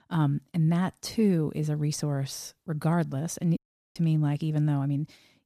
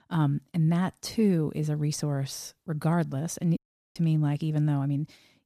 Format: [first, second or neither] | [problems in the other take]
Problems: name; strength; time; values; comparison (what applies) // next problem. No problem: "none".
neither | audio cutting out; at 3.5 s; the same in both